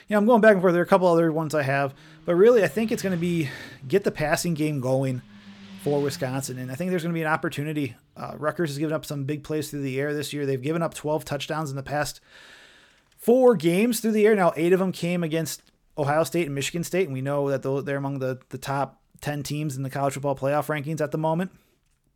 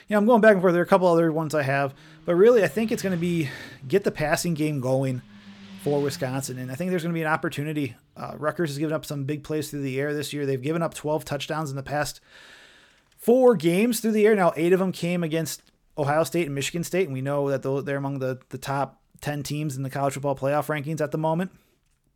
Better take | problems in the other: neither | traffic noise; faint; throughout; 25 dB below the speech; the same in both

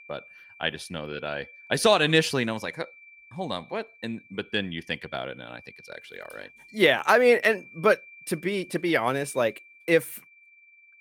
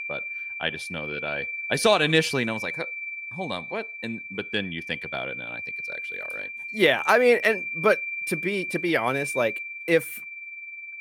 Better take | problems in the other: first | high-pitched whine; loud; throughout; 2.5 kHz, 7 dB below the speech; faint in the first

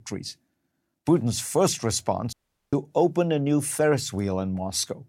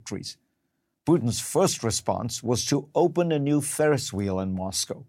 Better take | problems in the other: second | audio cutting out; at 2.5 s

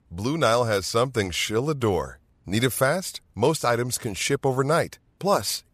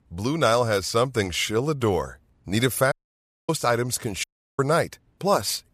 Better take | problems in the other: first | audio cutting out; at 3 s for 0.5 s and at 4 s

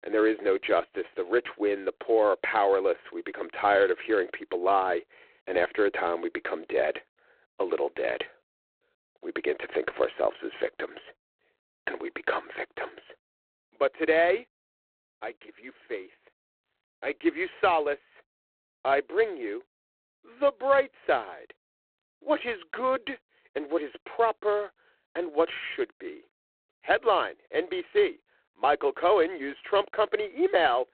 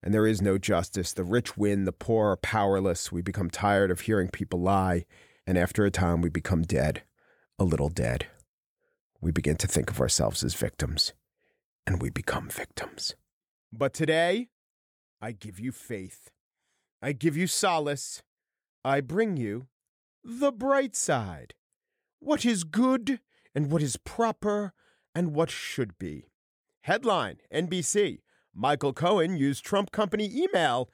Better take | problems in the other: second | phone-call audio; poor line

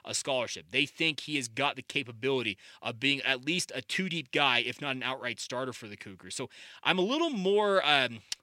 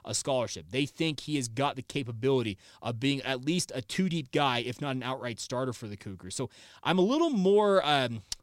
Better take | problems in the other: second | thin; very slightly; fading below 500 Hz

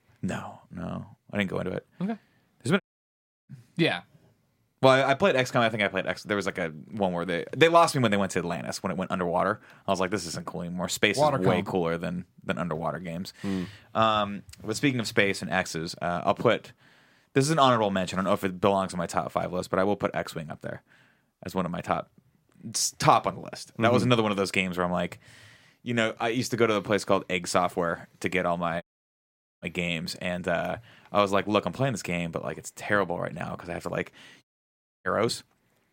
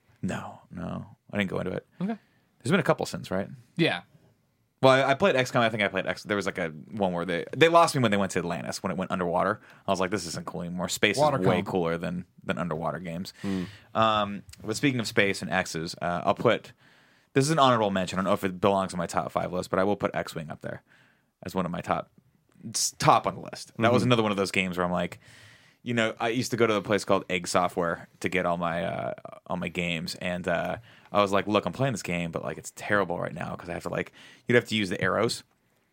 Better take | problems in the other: second | audio cutting out; at 3 s for 0.5 s, at 29 s for 1 s and at 34 s for 0.5 s

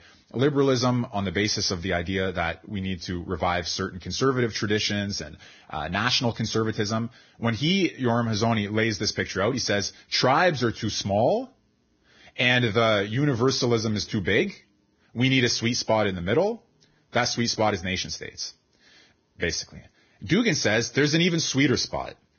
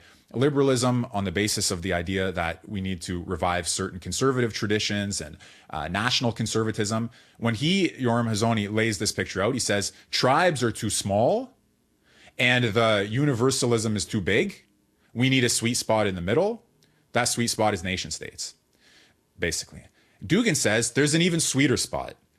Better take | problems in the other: second | garbled, watery; badly; nothing above 6.5 kHz; slightly in the second

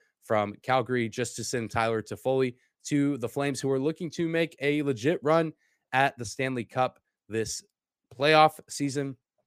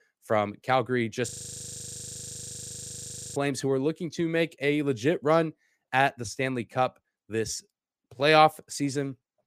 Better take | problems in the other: first | audio freezing; at 1.5 s for 2 s

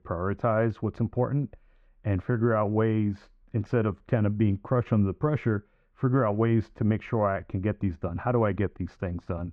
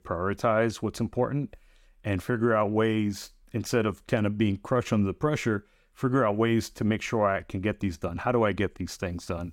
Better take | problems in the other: second | muffled; very; fading above 1.5 kHz

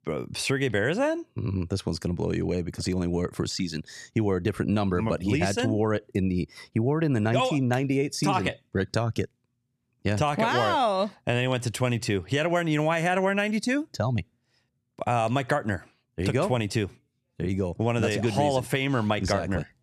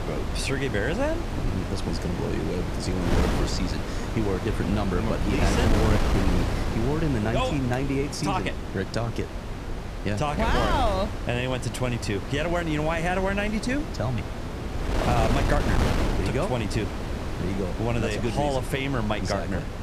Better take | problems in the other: first | wind noise on the microphone; heavy; 4 dB below the speech

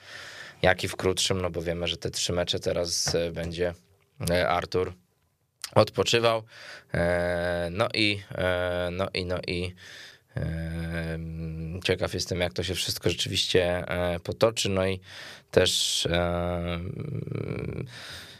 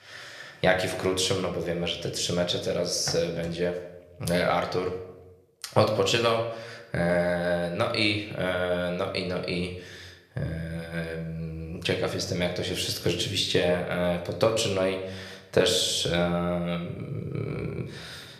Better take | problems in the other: first | room echo; slight; dies away in 0.7 s

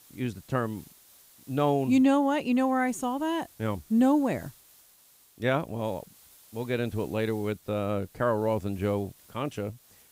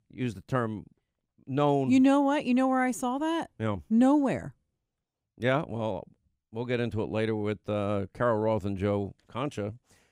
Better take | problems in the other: second | hiss; faint; throughout; 25 dB below the speech

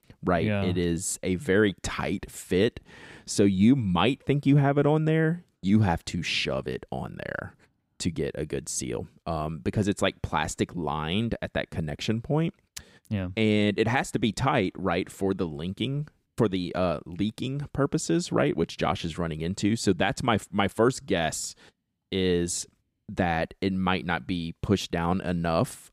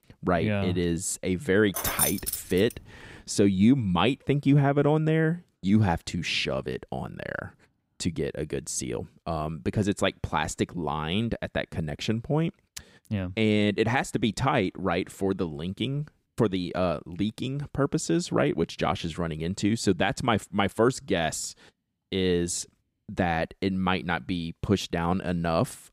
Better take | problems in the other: first | jangling keys; loud; at 2 s; peak 2 dB above the speech

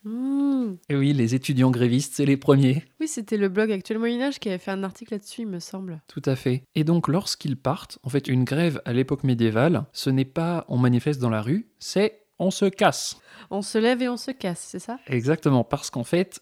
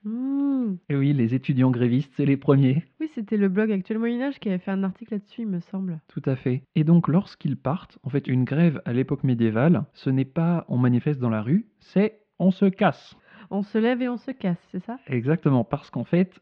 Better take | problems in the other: first | muffled; very; fading above 3 kHz

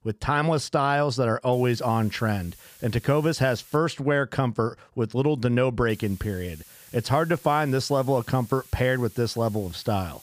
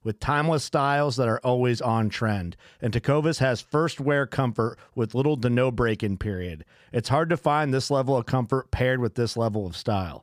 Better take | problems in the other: second | hiss; faint; from 1.5 to 4 s and from 6 s on; 20 dB below the speech

